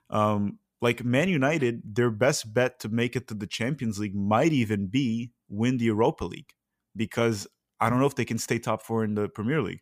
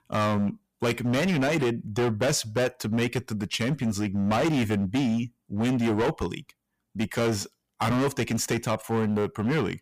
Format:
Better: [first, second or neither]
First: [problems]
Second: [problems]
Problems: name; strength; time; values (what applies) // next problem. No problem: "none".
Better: first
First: none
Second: distortion; heavy; 19% of the sound clipped